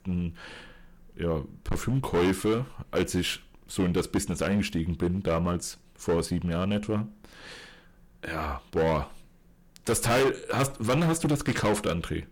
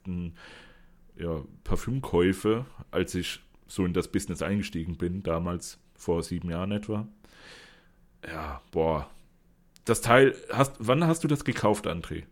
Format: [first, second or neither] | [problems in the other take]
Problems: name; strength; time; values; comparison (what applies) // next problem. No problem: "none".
second | distortion; heavy; 8% of the sound clipped